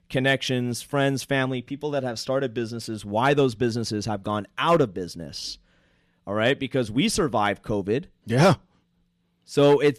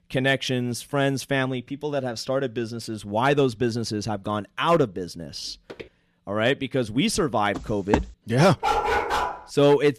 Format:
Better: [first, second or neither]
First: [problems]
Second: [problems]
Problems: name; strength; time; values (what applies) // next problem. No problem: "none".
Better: first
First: none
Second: footsteps; faint; at 5.5 s; peak 20 dB below the speech // footsteps; noticeable; at 7.5 s; peak 3 dB below the speech // dog barking; loud; at 8.5 s; peak 2 dB above the speech